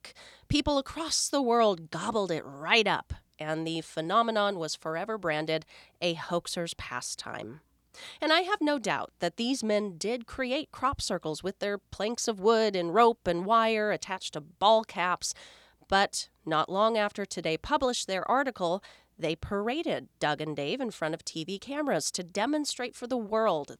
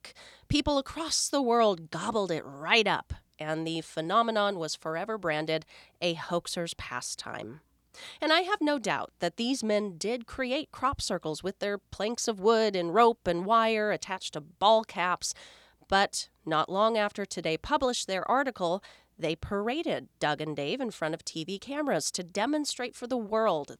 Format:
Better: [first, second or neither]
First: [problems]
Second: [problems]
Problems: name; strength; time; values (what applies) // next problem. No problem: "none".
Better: neither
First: none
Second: none